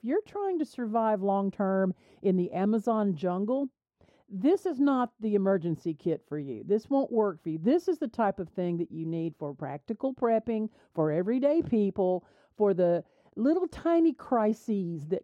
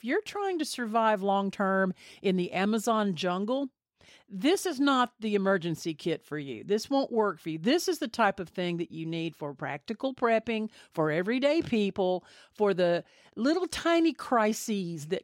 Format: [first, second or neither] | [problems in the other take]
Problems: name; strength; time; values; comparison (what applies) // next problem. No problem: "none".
second | muffled; very; fading above 1.5 kHz